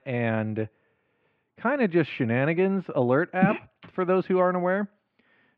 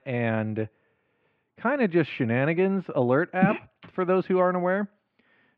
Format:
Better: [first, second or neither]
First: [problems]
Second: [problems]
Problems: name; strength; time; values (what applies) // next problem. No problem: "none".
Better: neither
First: muffled; very; fading above 2.5 kHz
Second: muffled; very; fading above 2.5 kHz